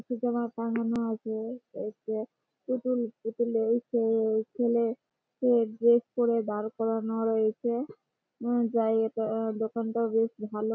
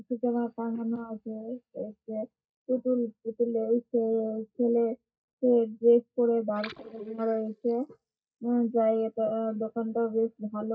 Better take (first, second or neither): first